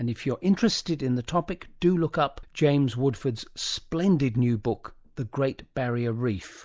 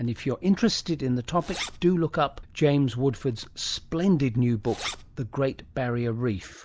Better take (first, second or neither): first